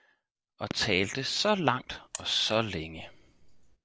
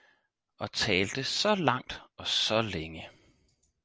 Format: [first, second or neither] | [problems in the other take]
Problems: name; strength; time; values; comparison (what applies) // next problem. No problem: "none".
second | noise reduction (neural mask model DeepFilterNet 3)